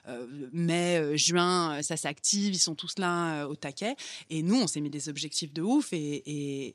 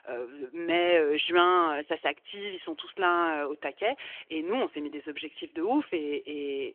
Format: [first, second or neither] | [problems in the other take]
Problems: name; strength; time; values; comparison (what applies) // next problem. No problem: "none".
first | phone-call audio; nothing above 3.5 kHz